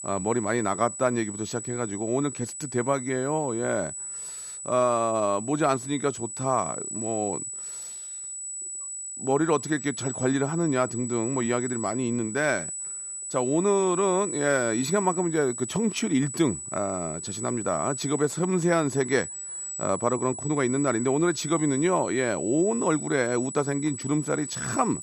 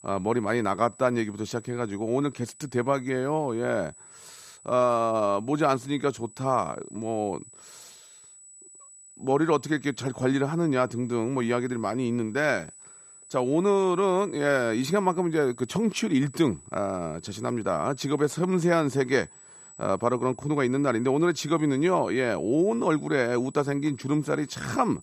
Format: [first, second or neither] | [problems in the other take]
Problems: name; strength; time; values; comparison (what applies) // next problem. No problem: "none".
second | high-pitched whine; loud; throughout; 8 kHz, 7 dB below the speech; faint in the second